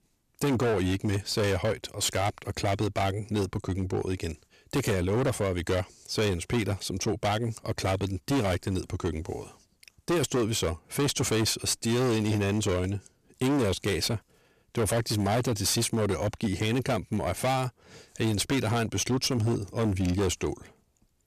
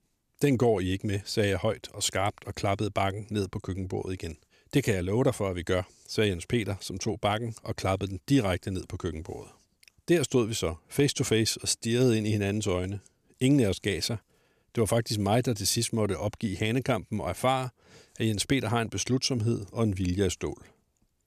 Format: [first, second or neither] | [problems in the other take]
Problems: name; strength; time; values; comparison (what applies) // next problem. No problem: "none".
second | distortion; heavy; 18% of the sound clipped